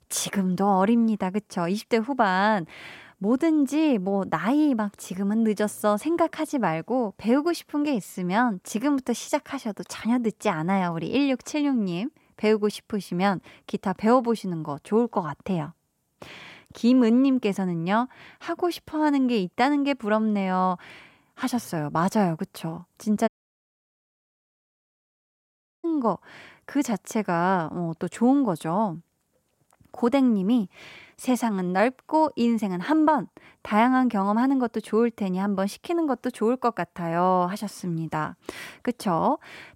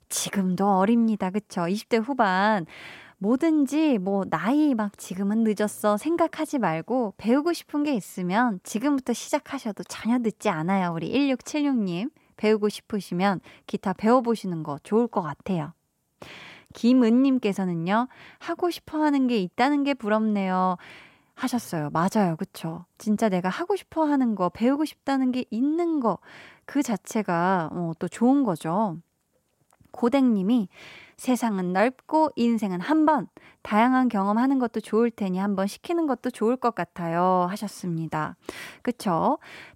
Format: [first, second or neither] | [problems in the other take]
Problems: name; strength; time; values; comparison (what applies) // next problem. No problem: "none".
second | audio cutting out; at 23 s for 2.5 s